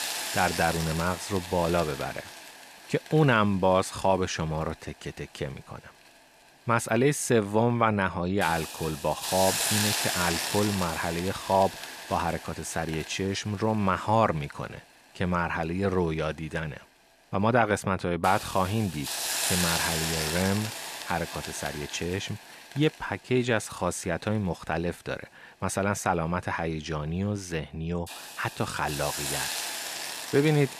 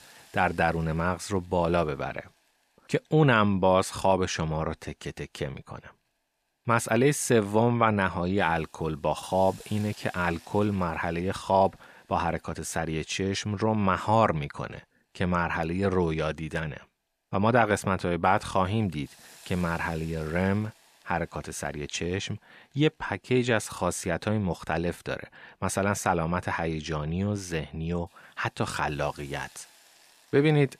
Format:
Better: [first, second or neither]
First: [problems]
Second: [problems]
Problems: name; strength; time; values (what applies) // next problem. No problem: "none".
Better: second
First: hiss; loud; throughout; 4 dB below the speech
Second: hiss; faint; throughout; 25 dB below the speech